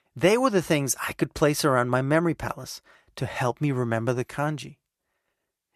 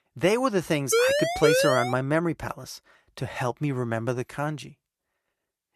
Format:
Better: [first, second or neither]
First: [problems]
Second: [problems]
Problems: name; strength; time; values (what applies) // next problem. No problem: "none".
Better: first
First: none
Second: siren; loud; from 1 to 2 s; peak 5 dB above the speech